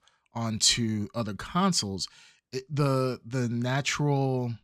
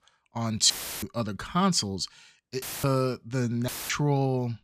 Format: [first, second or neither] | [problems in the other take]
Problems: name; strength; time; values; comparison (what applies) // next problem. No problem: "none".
first | audio cutting out; filled with static; at 0.5 s, at 2.5 s and at 3.5 s